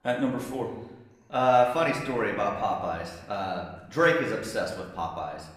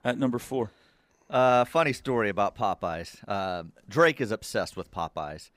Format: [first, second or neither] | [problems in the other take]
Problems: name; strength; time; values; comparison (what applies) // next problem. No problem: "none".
second | room echo; slight; dies away in 0.8 s // off-mic speech; somewhat distant